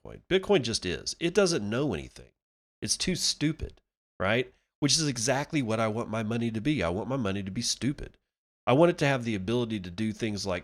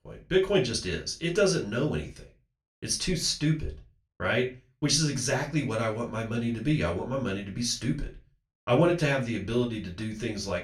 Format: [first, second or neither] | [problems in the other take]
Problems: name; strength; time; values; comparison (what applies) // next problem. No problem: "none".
first | off-mic speech; far // room echo; very slight; dies away in 0.2 s